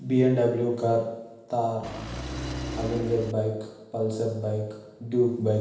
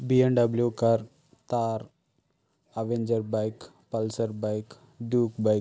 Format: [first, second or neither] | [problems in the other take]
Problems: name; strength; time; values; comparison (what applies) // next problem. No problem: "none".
second | background sound (Engine); 7 dB below the speech // room echo; dies away in 0.9 s